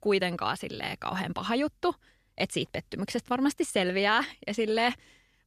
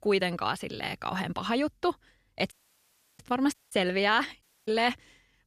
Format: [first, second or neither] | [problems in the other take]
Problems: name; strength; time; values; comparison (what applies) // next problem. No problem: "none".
first | audio cutting out; at 2.5 s for 0.5 s, at 3.5 s and at 4.5 s